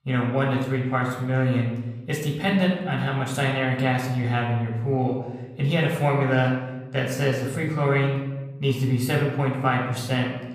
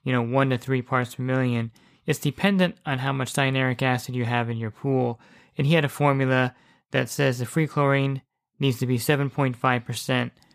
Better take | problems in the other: second | off-mic speech; somewhat distant // room echo; noticeable; dies away in 0.9 s

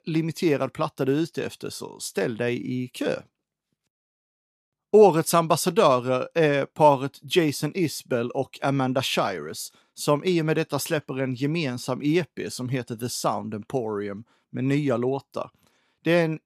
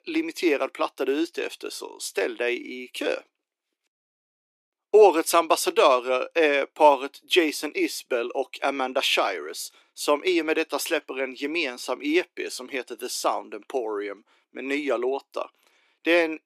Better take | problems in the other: first | thin; somewhat; fading below 300 Hz

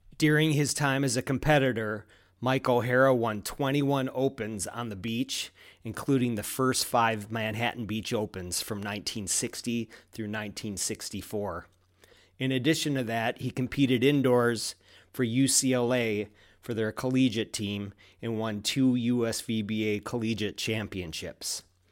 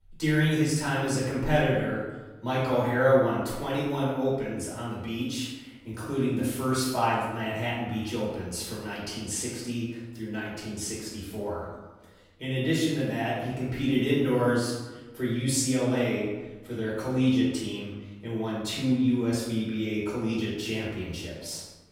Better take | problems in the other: first | room echo; noticeable; dies away in 1 s // off-mic speech; far

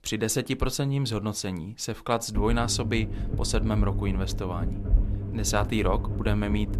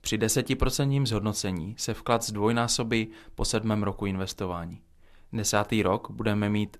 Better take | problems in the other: second | low rumble; noticeable; from 2.5 s on; 10 dB below the speech

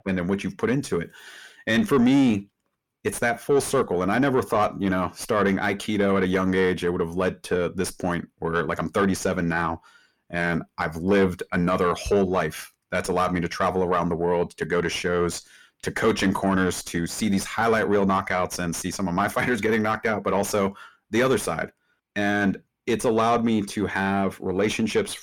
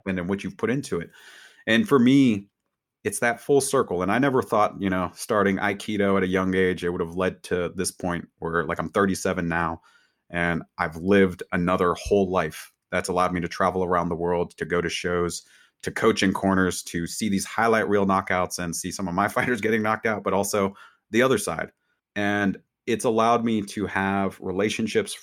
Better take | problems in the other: second | distortion; slight; 10 dB below the speech

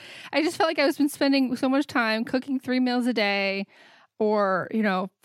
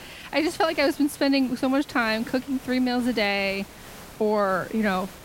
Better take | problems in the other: first | hiss; noticeable; throughout; 20 dB below the speech

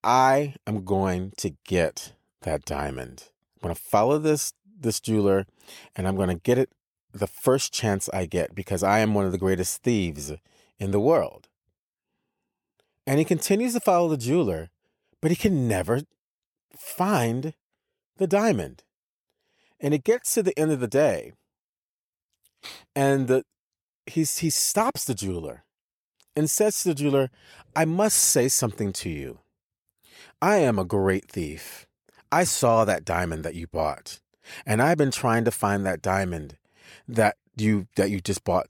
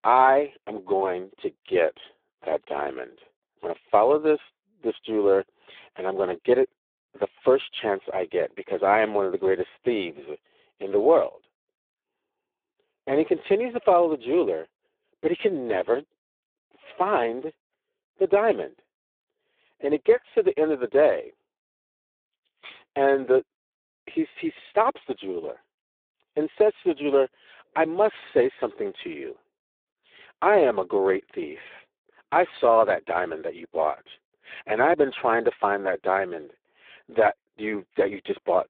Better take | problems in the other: first | phone-call audio; poor line; nothing above 3.5 kHz

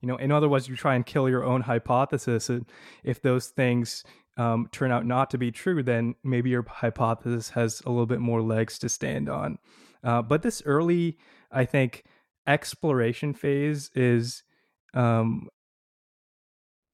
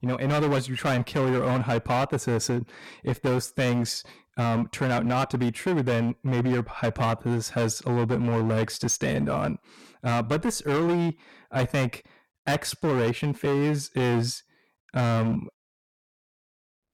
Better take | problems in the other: first | distortion; heavy; 18% of the sound clipped

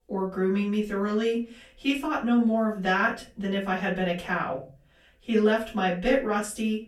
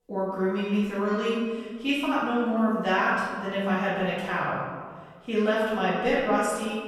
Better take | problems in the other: first | room echo; strong; dies away in 1.5 s; slight in the first // off-mic speech; far; far in the first

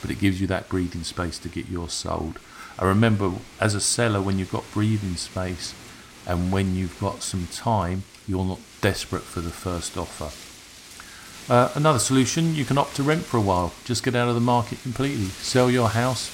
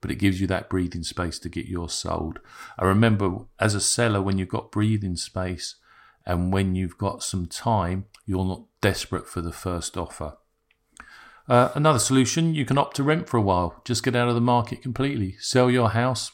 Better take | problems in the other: second | wind noise on the microphone; occasional gusts; 15 dB below the speech

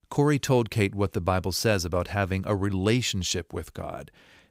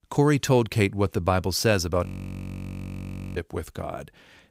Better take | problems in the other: first | audio freezing; at 2 s for 1.5 s

